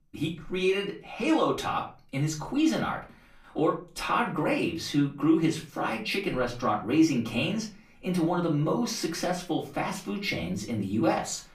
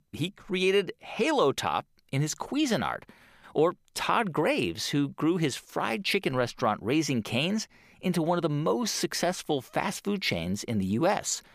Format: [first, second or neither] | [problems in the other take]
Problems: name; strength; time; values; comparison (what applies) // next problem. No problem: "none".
second | room echo; slight; dies away in 0.3 s // off-mic speech; far